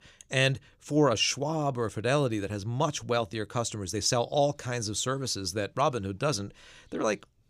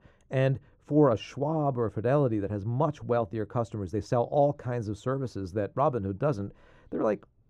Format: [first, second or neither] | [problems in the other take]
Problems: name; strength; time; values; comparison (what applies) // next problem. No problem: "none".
first | muffled; very; fading above 2 kHz